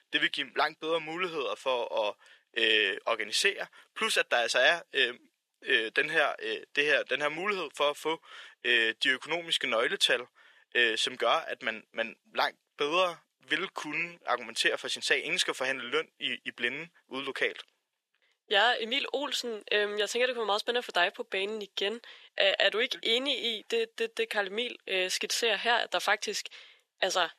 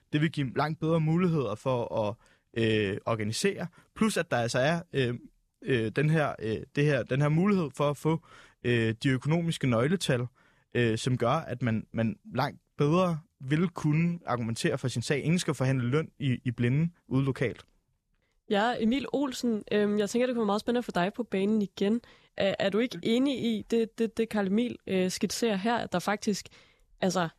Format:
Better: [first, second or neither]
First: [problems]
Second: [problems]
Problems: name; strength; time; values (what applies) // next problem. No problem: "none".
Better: second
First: thin; very; fading below 450 Hz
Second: none